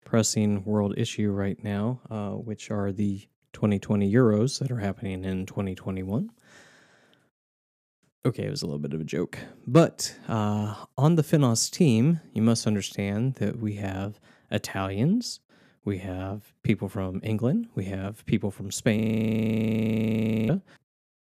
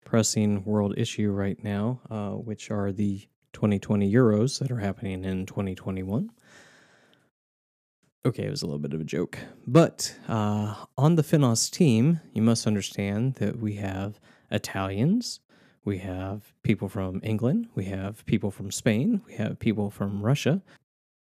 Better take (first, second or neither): second